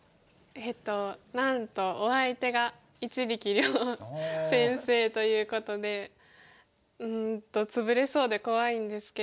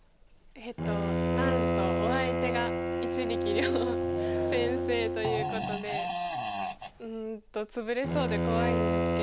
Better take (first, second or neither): first